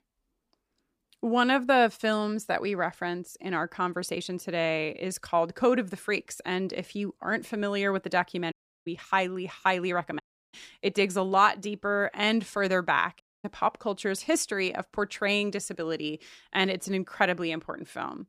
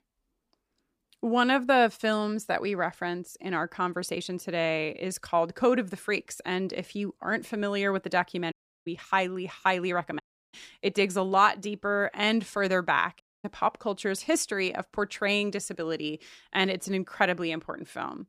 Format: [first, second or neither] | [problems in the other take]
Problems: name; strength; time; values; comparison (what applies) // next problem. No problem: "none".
neither | audio cutting out; at 8.5 s, at 10 s and at 13 s; the same in both